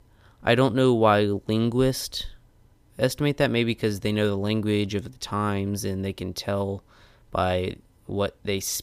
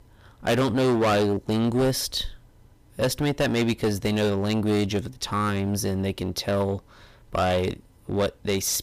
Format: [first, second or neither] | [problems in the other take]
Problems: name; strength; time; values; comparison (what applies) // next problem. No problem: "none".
first | distortion; heavy; 11% of the sound clipped